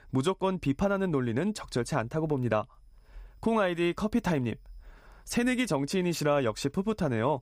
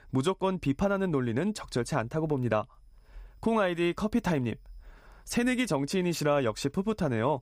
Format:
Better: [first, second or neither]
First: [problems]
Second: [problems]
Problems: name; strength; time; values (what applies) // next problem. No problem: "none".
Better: neither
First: none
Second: none